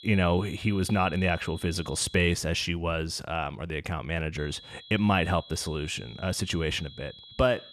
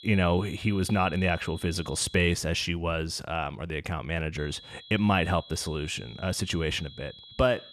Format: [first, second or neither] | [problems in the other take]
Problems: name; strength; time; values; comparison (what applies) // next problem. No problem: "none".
neither | high-pitched whine; noticeable; until 2.5 s and from 4.5 s on; 3.5 kHz, 20 dB below the speech; the same in both